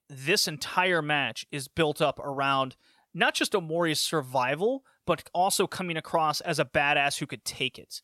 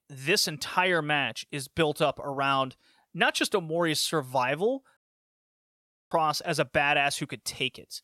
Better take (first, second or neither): first